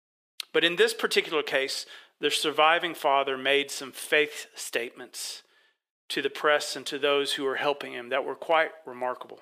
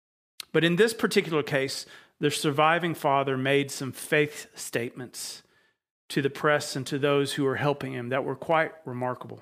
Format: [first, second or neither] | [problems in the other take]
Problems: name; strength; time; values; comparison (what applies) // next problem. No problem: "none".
second | thin; somewhat; fading below 450 Hz